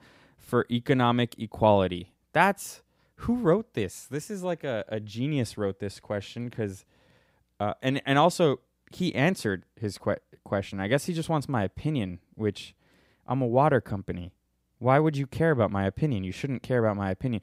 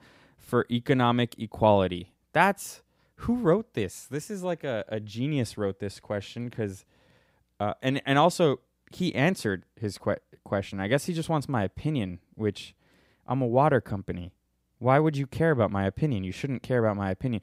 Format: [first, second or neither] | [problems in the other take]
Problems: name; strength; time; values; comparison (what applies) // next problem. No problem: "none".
neither | none